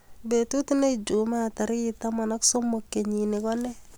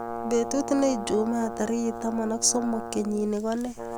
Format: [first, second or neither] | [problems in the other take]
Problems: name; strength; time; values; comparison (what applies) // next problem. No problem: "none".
first | background sound (Brass instrument); 9 dB below the speech